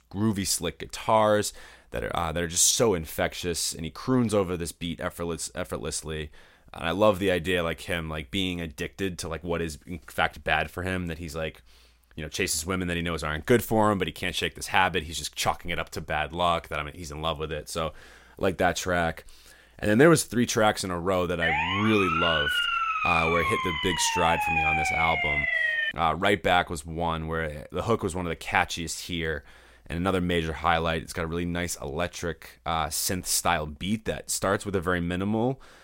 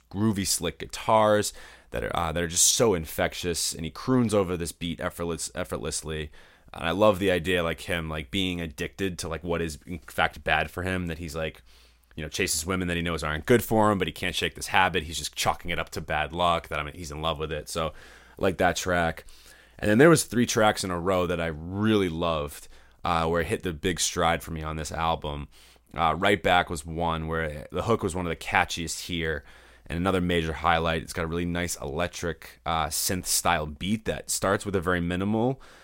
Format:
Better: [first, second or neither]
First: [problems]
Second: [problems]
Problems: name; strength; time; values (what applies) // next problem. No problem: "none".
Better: second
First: siren; loud; from 21 to 26 s; peak 4 dB above the speech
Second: none